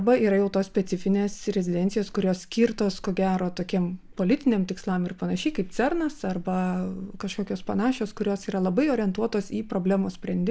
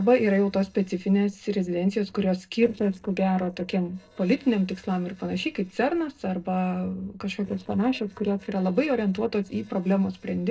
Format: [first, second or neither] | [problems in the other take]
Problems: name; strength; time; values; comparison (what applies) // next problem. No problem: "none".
first | noise reduction (neural separator model SepFormer DNS4)